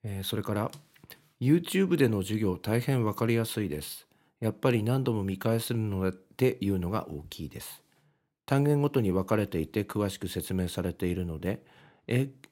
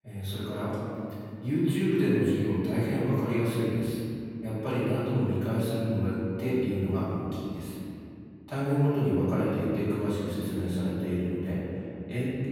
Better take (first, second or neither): first